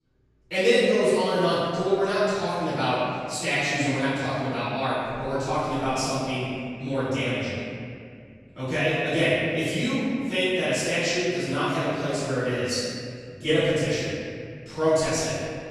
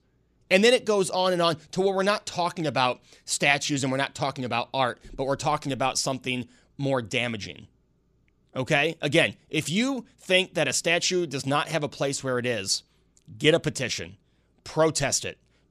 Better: second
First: off-mic speech; far // room echo; strong; dies away in 2.3 s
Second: none

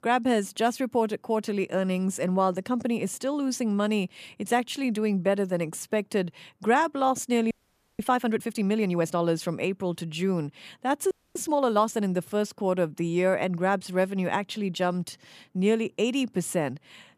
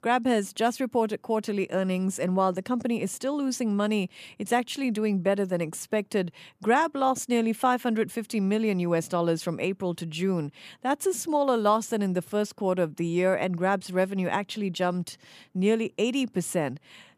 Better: second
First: audio freezing; at 7.5 s and at 11 s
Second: none

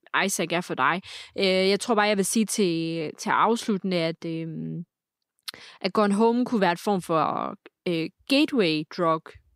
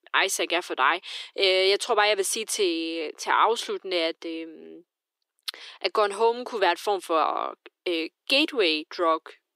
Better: first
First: none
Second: thin; very; fading below 350 Hz

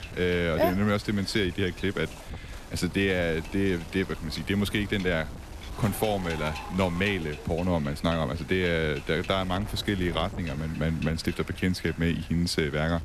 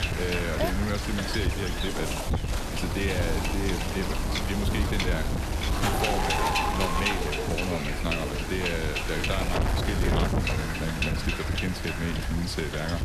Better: first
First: wind noise on the microphone; occasional gusts; 15 dB below the speech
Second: wind noise on the microphone; heavy; 4 dB above the speech

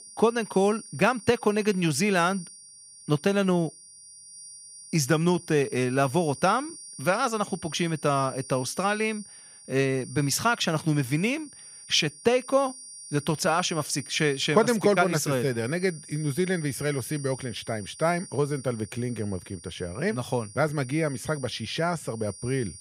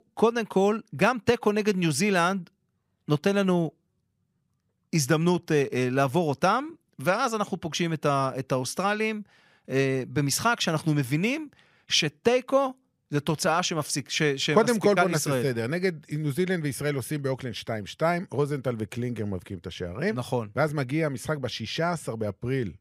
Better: second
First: high-pitched whine; noticeable; throughout; 9.5 kHz, 15 dB below the speech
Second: none

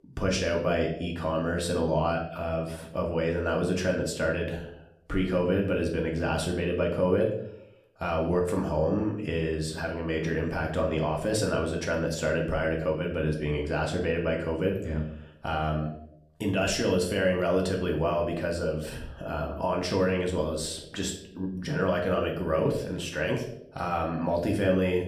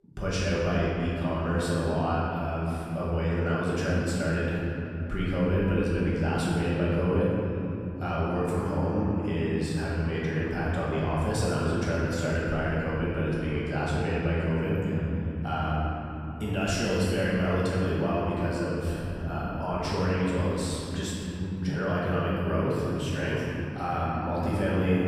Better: first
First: room echo; slight; dies away in 0.5 s // off-mic speech; somewhat distant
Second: room echo; strong; dies away in 3 s // off-mic speech; far

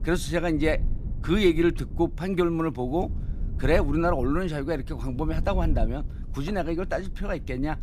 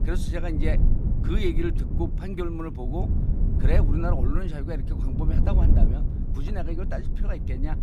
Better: first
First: low rumble; faint; throughout; 20 dB below the speech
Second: low rumble; loud; throughout; 5 dB below the speech

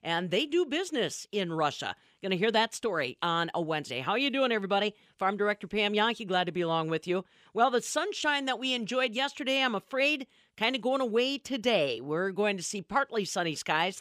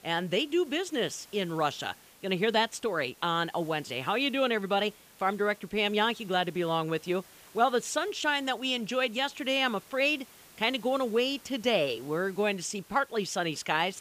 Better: first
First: none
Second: hiss; faint; throughout; 25 dB below the speech

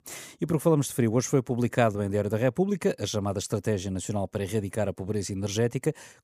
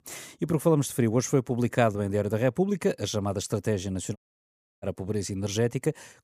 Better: first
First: none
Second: audio cutting out; at 4 s for 0.5 s

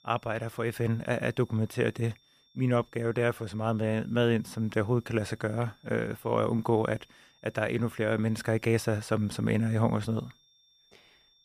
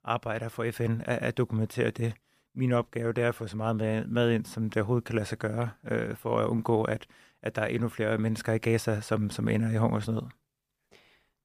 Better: second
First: high-pitched whine; faint; throughout; 3.5 kHz, 35 dB below the speech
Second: none

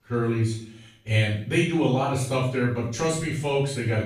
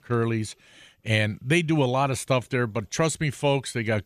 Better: second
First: off-mic speech; far // room echo; noticeable; dies away in 0.5 s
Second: none

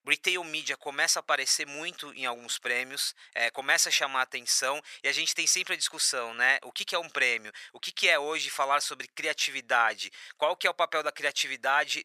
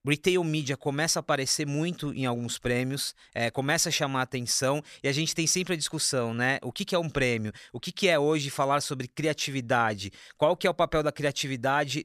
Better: second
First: thin; very; fading below 750 Hz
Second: none

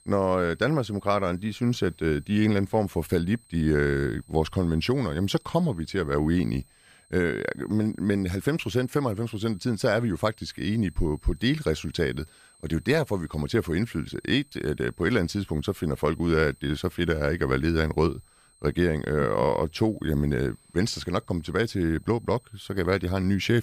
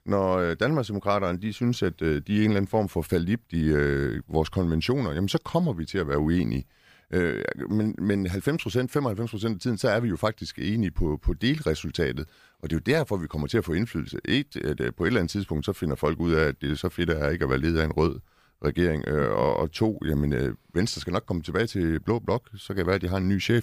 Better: second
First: high-pitched whine; faint; throughout; 8.5 kHz, 30 dB below the speech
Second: none

